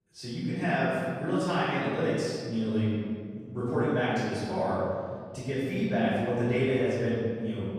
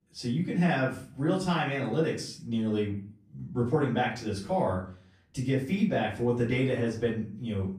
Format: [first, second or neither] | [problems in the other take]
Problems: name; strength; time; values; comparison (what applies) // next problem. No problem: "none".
second | room echo; strong; dies away in 1.9 s; slight in the second // off-mic speech; far; far in the second